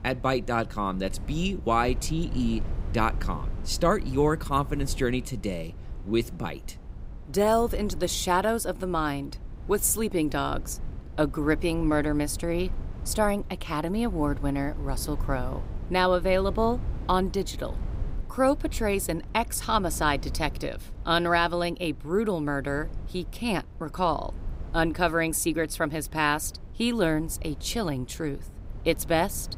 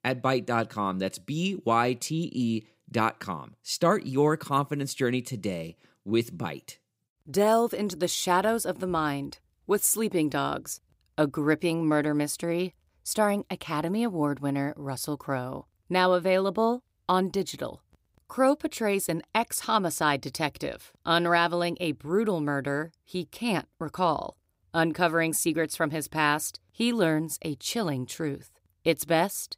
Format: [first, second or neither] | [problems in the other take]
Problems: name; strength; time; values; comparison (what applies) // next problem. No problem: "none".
second | wind noise on the microphone; occasional gusts; 20 dB below the speech